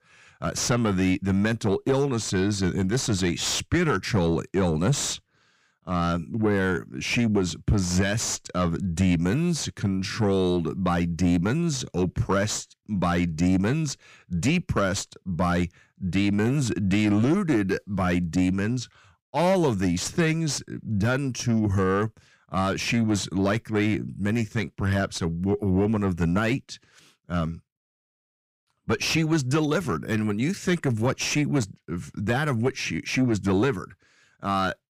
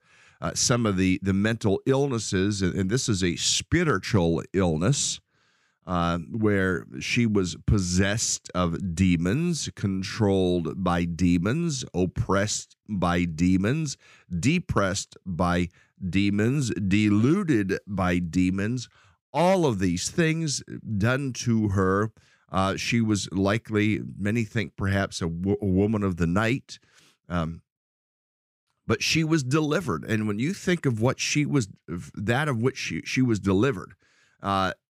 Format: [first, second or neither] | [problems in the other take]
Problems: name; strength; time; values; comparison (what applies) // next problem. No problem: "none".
second | distortion; slight; 10 dB below the speech